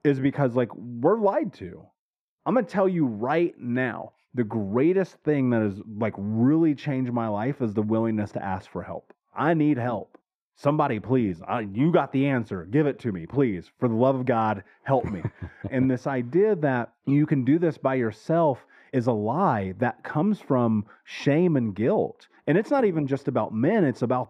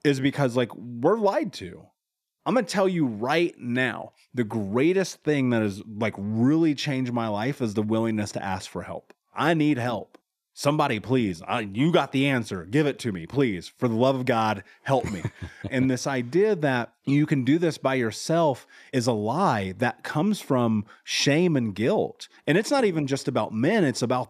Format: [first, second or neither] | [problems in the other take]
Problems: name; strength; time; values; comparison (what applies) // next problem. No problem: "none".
second | muffled; very; fading above 3 kHz